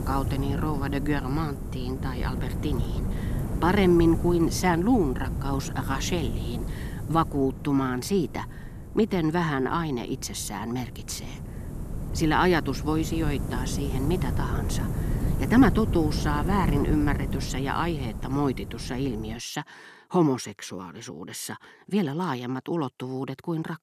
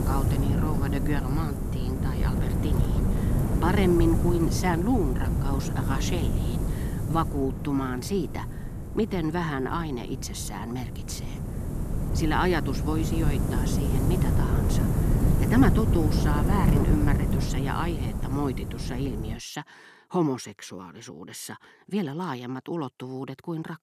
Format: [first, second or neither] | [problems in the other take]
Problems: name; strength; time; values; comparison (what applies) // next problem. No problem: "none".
first | wind noise on the microphone; heavy; until 19 s; 4 dB below the speech; occasional gusts in the first